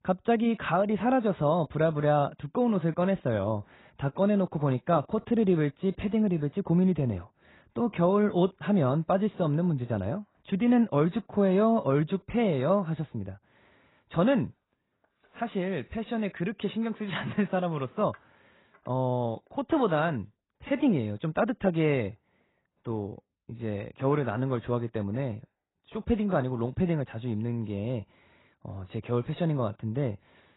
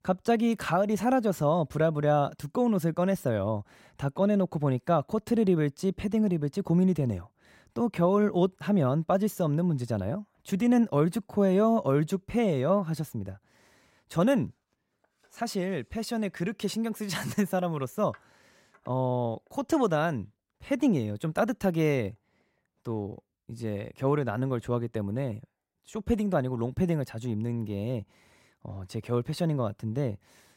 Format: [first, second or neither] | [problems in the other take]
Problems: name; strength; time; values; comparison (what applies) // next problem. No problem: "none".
second | garbled, watery; badly; nothing above 4 kHz